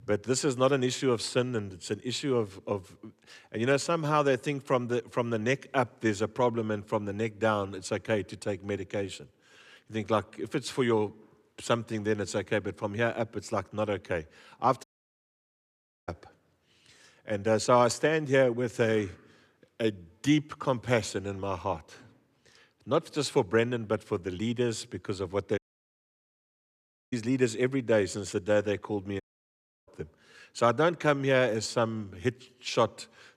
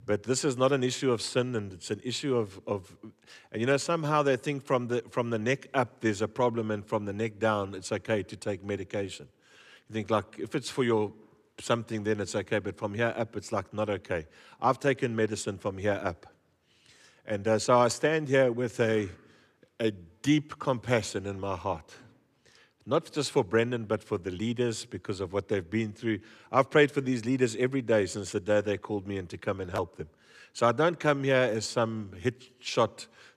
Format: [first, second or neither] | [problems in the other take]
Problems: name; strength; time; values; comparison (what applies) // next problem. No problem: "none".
second | audio cutting out; at 15 s for 1 s, at 26 s for 1.5 s and at 29 s for 0.5 s